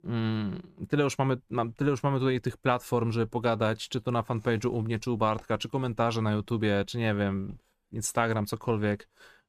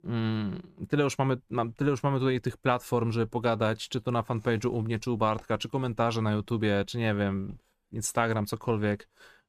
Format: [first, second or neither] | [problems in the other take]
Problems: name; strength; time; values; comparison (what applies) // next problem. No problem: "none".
neither | none